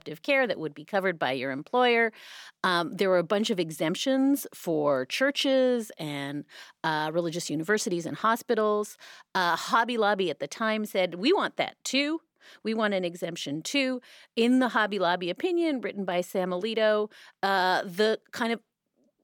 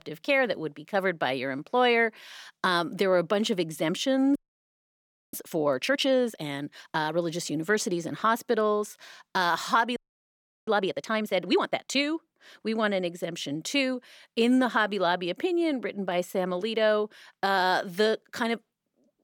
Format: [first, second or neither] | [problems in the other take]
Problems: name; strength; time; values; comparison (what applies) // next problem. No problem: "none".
first | audio freezing; at 4.5 s for 1 s and at 10 s for 0.5 s